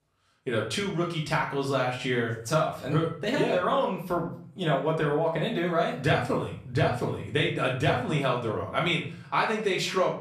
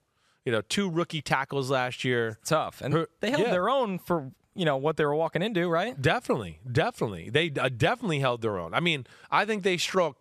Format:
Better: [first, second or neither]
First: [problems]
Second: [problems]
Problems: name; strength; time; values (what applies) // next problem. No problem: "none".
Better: second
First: off-mic speech; far // room echo; slight; dies away in 0.4 s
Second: none